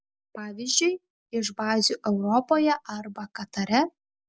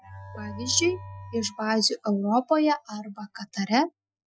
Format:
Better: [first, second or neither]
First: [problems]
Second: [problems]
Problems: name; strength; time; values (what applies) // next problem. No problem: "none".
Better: first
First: none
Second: noise reduction (classical method Wiener filter)